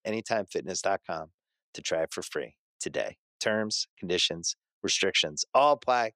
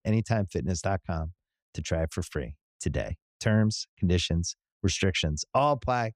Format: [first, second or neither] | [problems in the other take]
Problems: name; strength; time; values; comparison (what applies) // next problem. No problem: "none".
second | thin; very; fading below 450 Hz